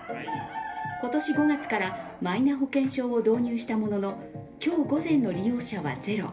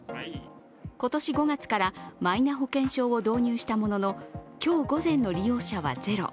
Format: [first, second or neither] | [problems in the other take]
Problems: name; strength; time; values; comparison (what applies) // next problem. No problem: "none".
second | background sound (Chicken, rooster); 13 dB below the speech // room echo; dies away in 0.3 s